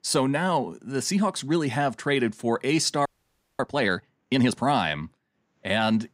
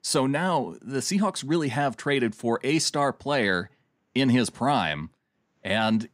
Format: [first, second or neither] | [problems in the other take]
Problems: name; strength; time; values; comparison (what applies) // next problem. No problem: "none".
second | audio freezing; at 3 s for 0.5 s